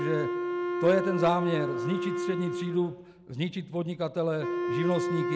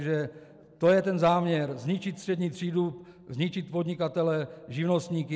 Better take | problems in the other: second | background sound (Wind instrument, woodwind instrument); 2 dB below the speech

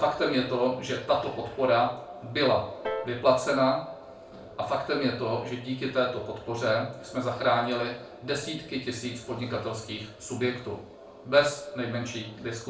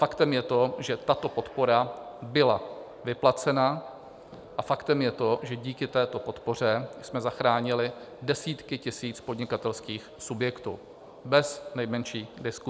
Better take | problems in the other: second | background sound (Piano); 12 dB below the speech // room echo; dies away in 0.3 s

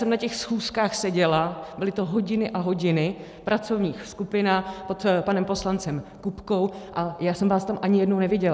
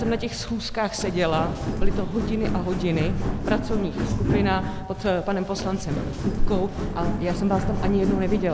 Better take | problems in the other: first | background sound (Walk, footsteps); as loud as the speech

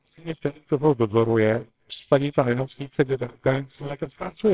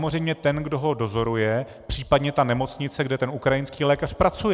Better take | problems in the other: second | noise reduction (neural separator model SepFormer WHAMR!)

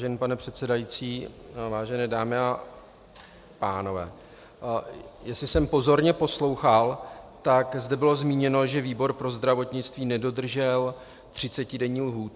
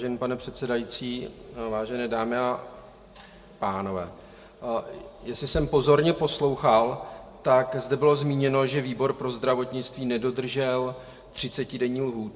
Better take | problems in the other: first | room echo; dies away in 0.7 s

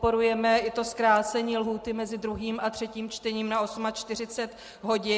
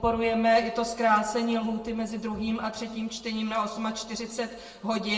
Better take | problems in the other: first | room echo; dies away in 0.8 s

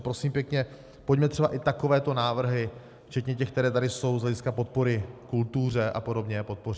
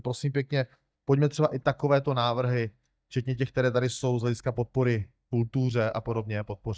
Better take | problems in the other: first | noise reduction (neural mask model DeepFilterNet 3)

